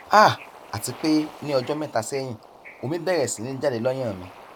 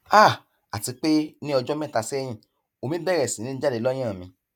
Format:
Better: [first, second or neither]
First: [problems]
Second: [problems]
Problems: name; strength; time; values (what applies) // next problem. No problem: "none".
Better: second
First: background sound (Bird / Ocean); 20 dB below the speech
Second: none